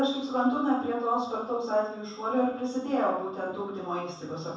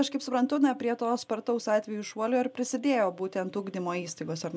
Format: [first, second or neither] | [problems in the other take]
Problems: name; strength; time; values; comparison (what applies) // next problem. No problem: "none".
second | room echo; dies away in 0.7 s